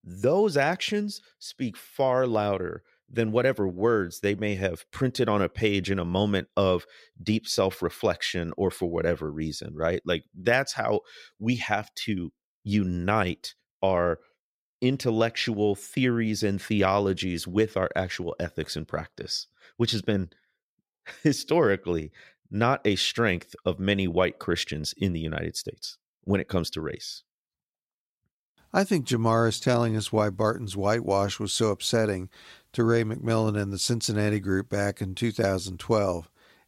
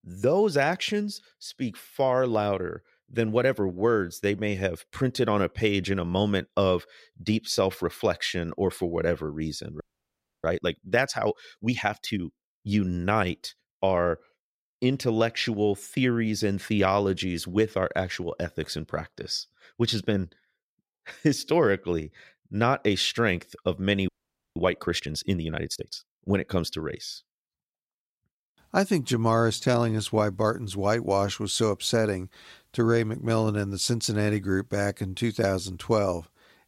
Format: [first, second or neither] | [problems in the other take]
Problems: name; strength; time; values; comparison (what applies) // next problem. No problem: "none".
first | audio freezing; at 10 s for 0.5 s and at 24 s